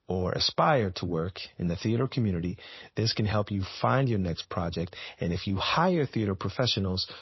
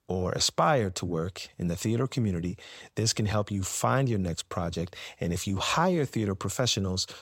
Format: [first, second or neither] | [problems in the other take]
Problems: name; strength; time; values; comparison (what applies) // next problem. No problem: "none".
second | garbled, watery; slightly; nothing above 5.5 kHz